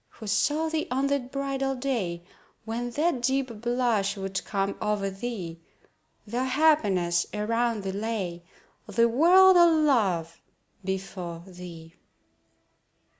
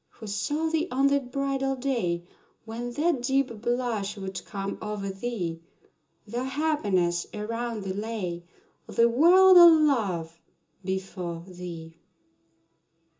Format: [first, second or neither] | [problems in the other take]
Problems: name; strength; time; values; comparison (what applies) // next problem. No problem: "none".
first | room echo; dies away in 0.2 s